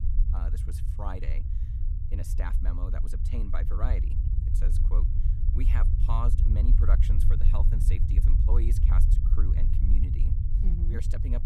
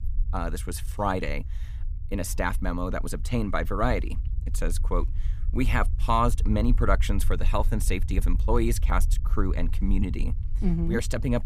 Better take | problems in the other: second | low rumble; loud; throughout; 3 dB below the speech; faint in the second

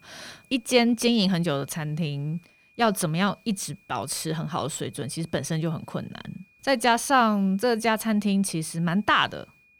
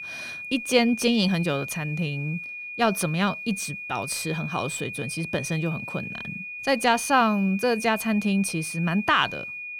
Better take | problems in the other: first | high-pitched whine; loud; throughout; 2.5 kHz, 8 dB below the speech; faint in the first

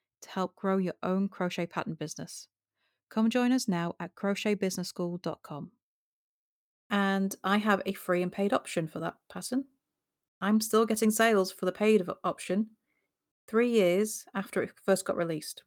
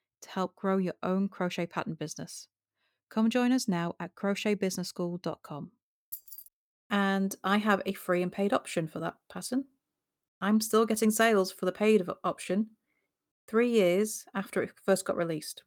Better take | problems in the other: first | jangling keys; faint; at 6 s; peak 10 dB below the speech

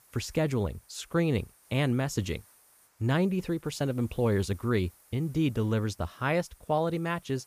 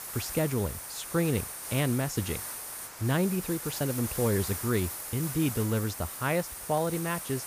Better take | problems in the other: first | hiss; loud; throughout; 6 dB below the speech; faint in the first

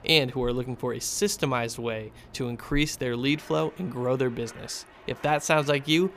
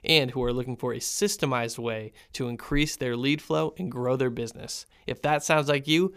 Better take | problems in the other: second | train or aircraft noise; faint; throughout; 25 dB below the speech

